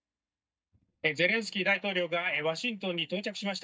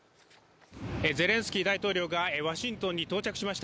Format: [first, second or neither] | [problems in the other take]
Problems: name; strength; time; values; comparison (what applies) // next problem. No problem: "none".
second | noise reduction (neural mask model DeepFilterNet 3)